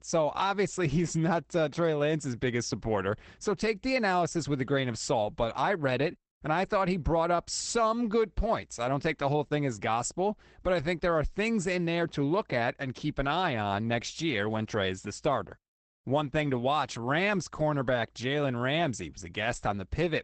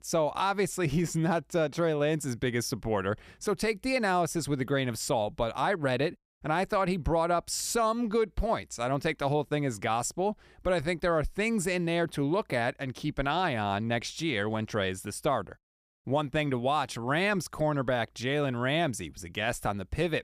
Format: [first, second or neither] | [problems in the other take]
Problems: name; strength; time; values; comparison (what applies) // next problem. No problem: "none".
second | garbled, watery; badly; nothing above 8 kHz